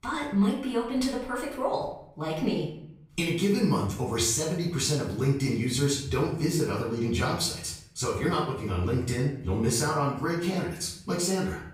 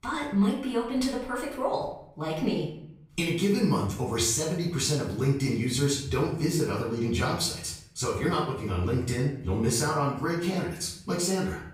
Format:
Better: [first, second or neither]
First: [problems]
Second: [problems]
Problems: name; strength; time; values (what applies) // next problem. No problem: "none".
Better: neither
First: off-mic speech; far // room echo; noticeable; dies away in 0.6 s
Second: off-mic speech; far // room echo; noticeable; dies away in 0.6 s